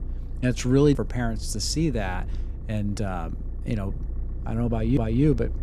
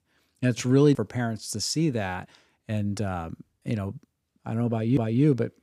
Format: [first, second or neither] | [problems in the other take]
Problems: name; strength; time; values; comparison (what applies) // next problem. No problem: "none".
second | low rumble; faint; throughout; 20 dB below the speech